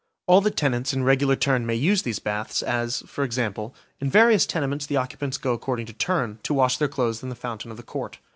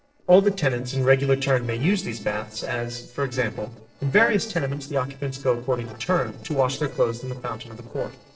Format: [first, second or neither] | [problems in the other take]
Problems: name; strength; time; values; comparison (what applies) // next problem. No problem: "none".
first | noise reduction (neural separator model SepFormer DNS4)